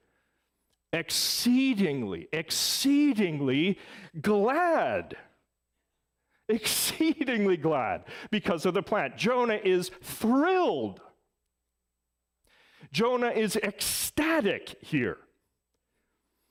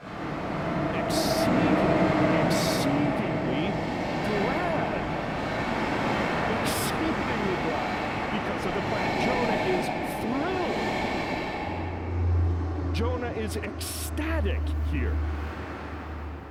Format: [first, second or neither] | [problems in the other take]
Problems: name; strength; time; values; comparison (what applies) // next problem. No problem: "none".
first | train or aircraft noise; very loud; throughout; 5 dB above the speech